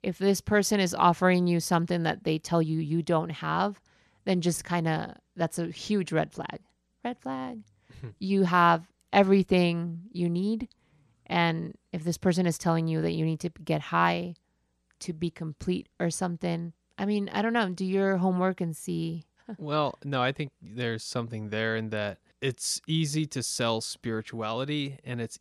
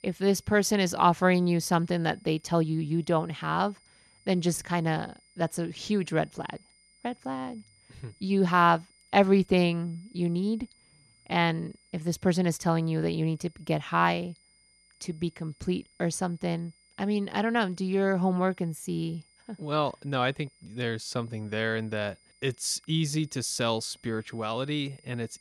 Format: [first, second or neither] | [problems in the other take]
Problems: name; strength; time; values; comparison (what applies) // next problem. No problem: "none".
first | high-pitched whine; faint; throughout; 5 kHz, 30 dB below the speech